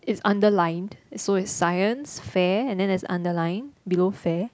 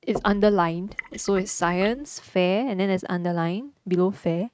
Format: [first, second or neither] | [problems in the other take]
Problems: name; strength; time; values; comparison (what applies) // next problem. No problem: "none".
first | noise reduction (neural mask model RNNoise)